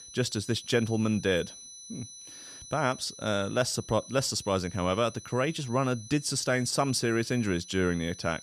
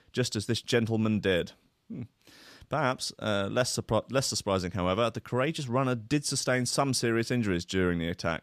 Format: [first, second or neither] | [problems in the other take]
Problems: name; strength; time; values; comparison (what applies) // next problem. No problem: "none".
second | high-pitched whine; noticeable; throughout; 6 kHz, 15 dB below the speech